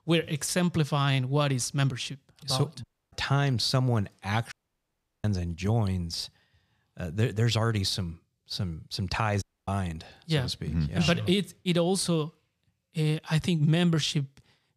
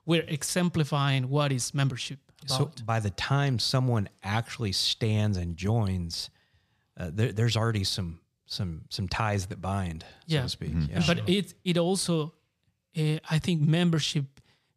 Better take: second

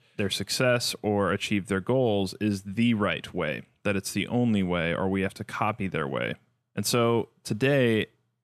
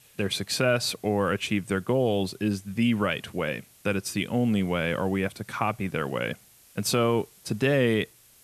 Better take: first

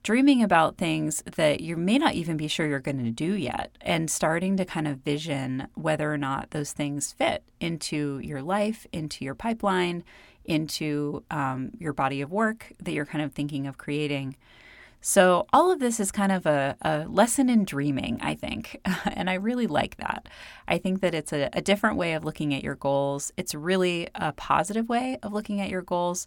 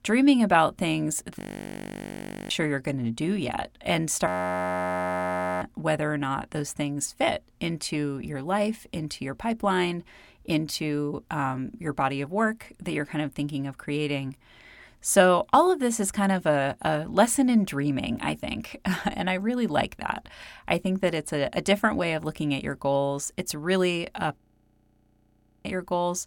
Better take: first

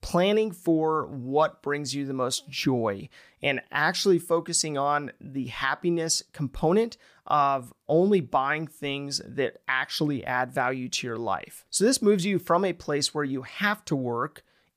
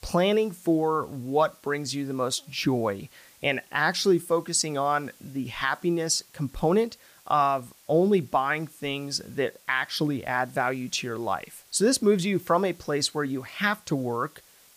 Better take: first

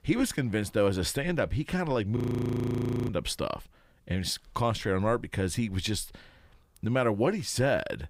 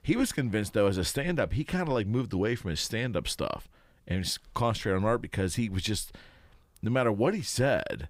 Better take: second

